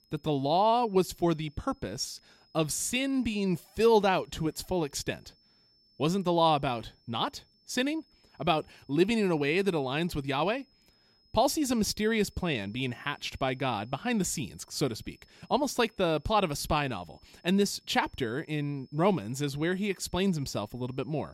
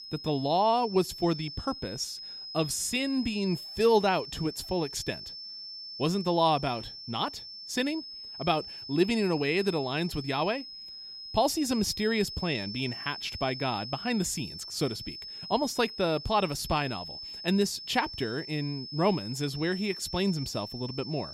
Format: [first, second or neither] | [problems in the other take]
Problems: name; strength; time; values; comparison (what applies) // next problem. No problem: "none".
first | high-pitched whine; loud; throughout; 5.5 kHz, 10 dB below the speech; faint in the first